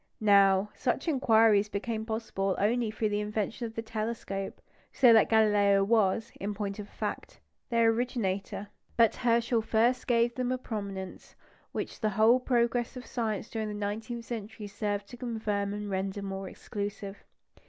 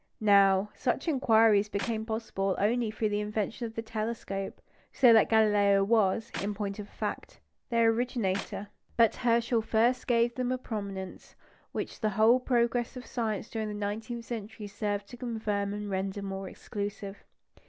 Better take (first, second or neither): first